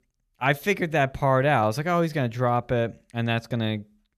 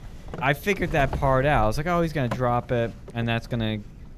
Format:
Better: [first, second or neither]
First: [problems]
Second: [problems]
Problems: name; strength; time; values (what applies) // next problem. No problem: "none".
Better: first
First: none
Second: wind noise on the microphone; occasional gusts; 15 dB below the speech